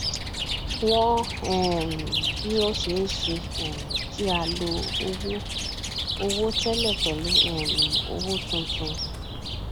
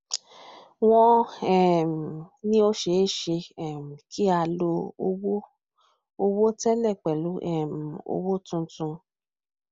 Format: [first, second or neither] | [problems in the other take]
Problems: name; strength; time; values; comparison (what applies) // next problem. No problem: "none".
second | background sound (Chirp, tweet); 1 dB above the speech